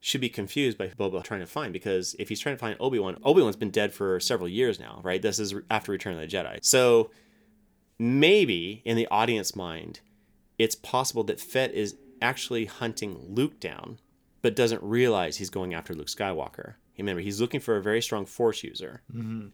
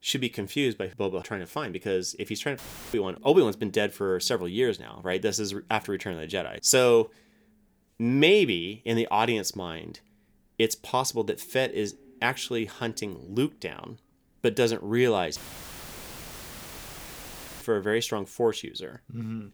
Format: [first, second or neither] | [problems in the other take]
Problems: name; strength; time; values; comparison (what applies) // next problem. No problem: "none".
first | audio cutting out; filled with static; at 2.5 s and at 15 s for 2.5 s